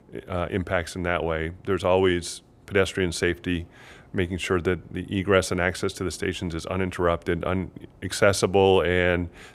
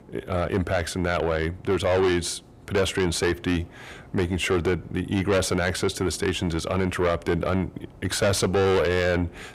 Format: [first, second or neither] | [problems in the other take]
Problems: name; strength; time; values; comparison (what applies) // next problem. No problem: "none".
first | distortion; heavy; 6 dB below the speech